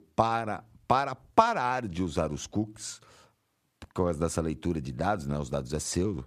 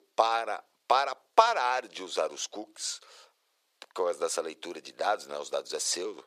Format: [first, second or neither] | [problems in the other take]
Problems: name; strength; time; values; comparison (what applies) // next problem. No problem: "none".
first | thin; very; fading below 450 Hz